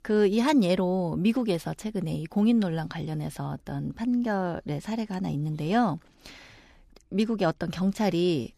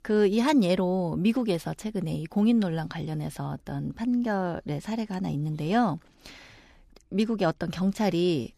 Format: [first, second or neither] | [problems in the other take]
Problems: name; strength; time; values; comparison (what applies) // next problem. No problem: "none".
neither | none